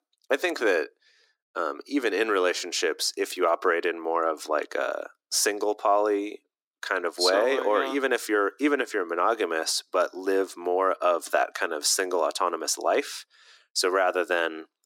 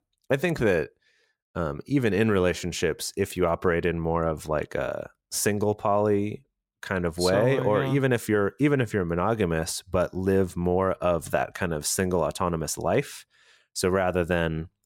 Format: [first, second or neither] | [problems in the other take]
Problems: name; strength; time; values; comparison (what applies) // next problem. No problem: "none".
second | thin; somewhat; fading below 300 Hz